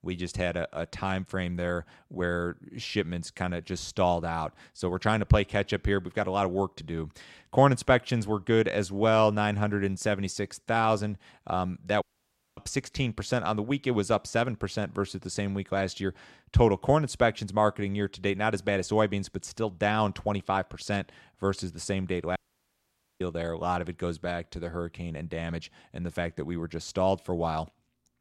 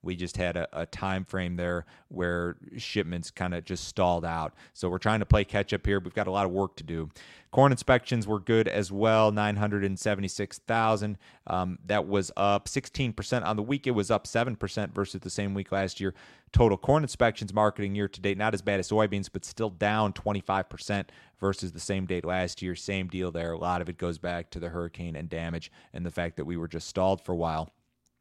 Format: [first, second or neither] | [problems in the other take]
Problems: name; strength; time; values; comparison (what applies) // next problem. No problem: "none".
second | audio cutting out; at 12 s for 0.5 s and at 22 s for 1 s